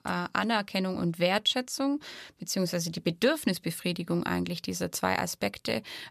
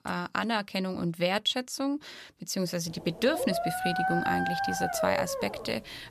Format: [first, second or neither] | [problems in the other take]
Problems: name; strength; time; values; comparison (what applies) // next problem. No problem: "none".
first | dog barking; loud; from 3 s on; peak 2 dB above the speech